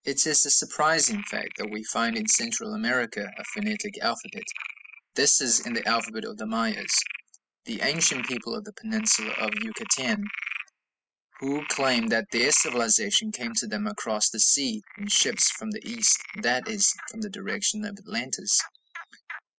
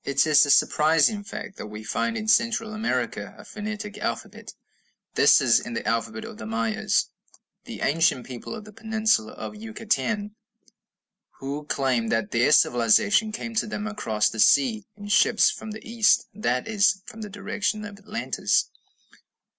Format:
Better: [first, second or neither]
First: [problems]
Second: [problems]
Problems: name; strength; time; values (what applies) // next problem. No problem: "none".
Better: second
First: noise reduction (classical method spectral subtraction)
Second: none